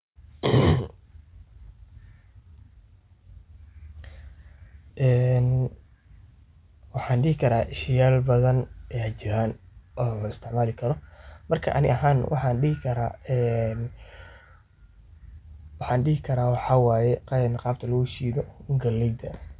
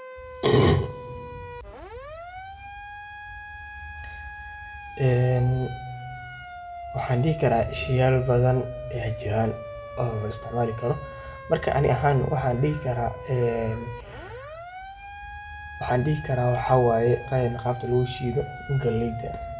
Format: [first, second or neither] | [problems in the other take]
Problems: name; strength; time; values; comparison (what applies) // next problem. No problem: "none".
first | background sound (Siren); 13 dB below the speech // room echo; dies away in 1.1 s